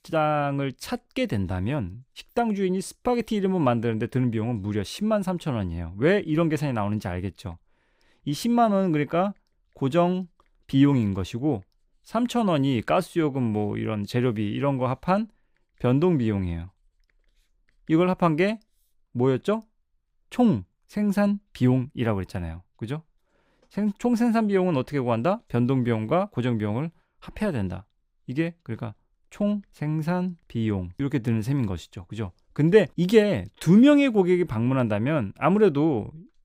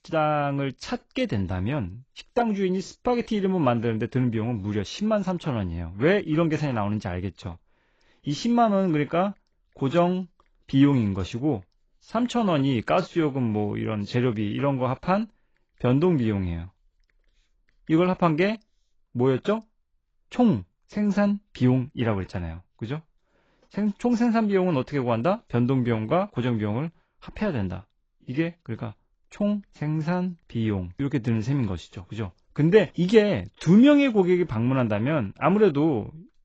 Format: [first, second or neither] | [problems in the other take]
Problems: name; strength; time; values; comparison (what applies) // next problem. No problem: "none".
first | garbled, watery; badly; nothing above 7.5 kHz